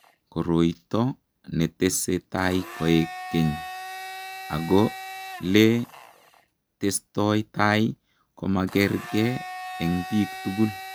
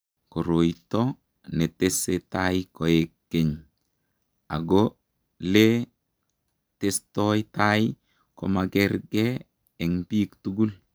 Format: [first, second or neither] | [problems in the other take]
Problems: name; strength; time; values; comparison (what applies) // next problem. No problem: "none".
second | background sound (Domestic sounds, home sounds); 14 dB below the speech